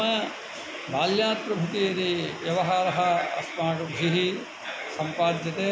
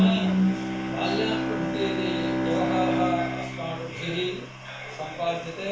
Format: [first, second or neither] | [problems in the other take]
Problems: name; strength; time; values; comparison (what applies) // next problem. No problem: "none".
first | background sound (Bowed string instrument); 3 dB above the speech // room echo; dies away in 0.3 s